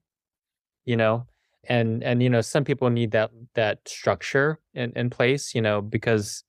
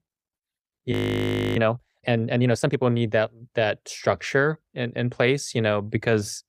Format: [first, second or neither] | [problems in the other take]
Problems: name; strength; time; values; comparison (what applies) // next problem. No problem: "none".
first | audio freezing; at 1 s for 0.5 s